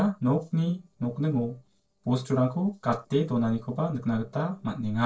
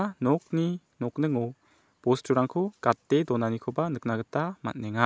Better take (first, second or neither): second